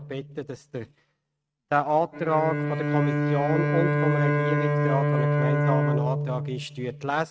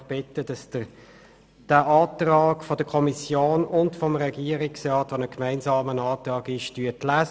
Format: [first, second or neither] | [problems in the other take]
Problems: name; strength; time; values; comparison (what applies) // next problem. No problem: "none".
second | noise reduction (neural mask model RNNoise)